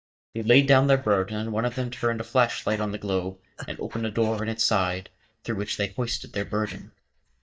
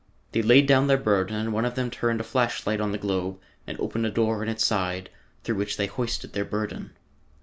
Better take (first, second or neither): second